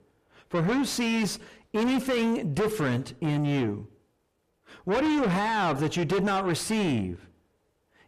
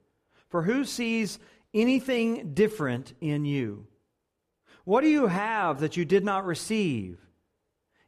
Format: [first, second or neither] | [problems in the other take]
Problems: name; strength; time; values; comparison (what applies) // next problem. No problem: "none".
second | distortion; heavy; 5 dB below the speech